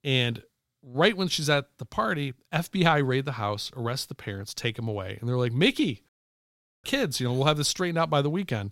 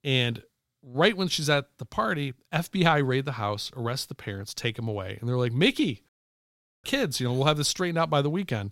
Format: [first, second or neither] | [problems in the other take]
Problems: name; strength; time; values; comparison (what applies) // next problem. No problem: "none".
neither | audio cutting out; at 6 s for 1 s; the same in both